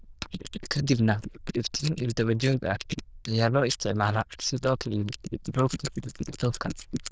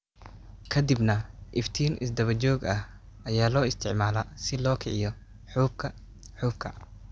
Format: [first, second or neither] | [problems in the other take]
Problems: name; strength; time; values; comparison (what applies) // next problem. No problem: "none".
second | noise reduction (neural diffusion model UNIVERSE++)